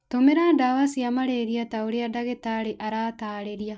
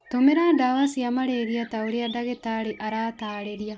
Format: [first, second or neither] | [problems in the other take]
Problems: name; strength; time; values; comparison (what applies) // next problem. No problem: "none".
first | background sound (Bird); 20 dB below the speech